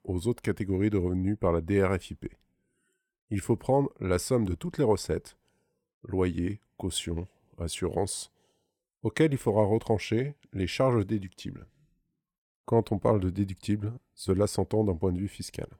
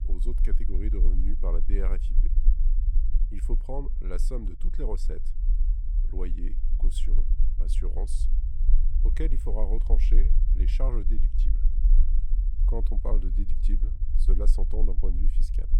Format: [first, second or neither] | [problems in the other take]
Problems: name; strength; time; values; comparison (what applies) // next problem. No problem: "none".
first | low rumble; noticeable; throughout; 10 dB below the speech